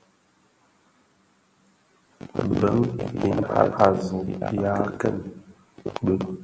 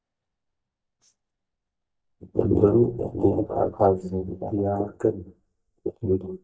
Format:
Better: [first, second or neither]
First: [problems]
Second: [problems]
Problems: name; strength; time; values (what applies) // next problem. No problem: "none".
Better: first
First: none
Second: noise reduction (neural mask model DeepFilterNet 3)